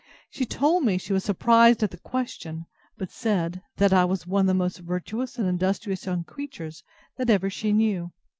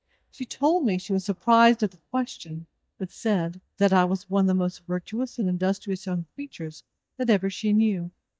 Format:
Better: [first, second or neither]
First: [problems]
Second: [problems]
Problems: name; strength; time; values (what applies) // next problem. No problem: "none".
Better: first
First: none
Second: noise reduction (neural mask model DeepFilterNet 3)